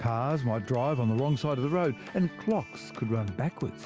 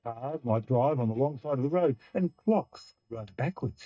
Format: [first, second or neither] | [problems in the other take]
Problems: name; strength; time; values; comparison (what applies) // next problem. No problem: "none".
first | noise reduction (neural mask model DeepFilterNet 3)